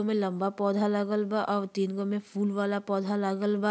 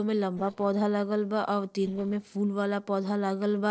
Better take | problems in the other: first | noise reduction (neural separator model SepFormer DNS4)

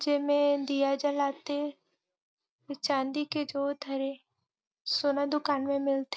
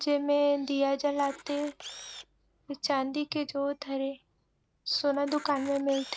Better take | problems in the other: first | background sound (Camera); 20 dB below the speech

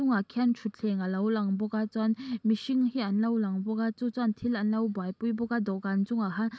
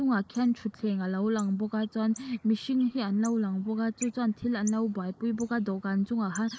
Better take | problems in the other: first | noise reduction (neural mask model Resemble Enhance denoiser)

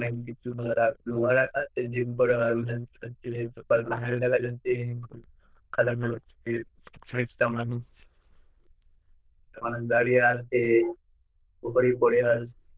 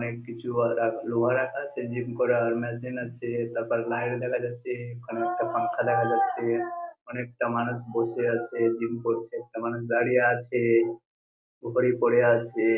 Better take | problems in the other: second | noise reduction (neural diffusion model UNIVERSE++)

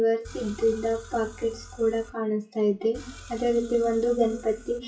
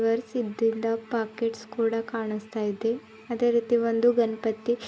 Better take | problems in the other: second | noise reduction (classical method WPE with log-MMSE)

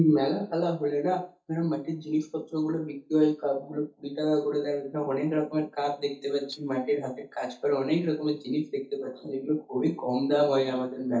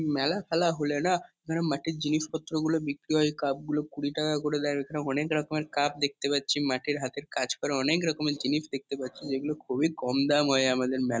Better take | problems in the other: second | noise reduction (neural mask model DeepFilterNet 3)

